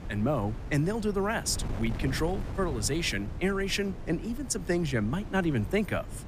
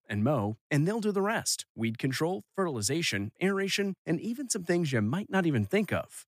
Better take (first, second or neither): second